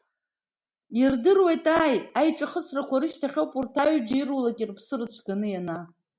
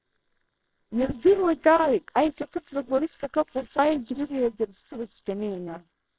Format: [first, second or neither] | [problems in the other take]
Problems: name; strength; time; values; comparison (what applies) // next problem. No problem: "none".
first | noise reduction (neural separator model SepFormer WHAMR!)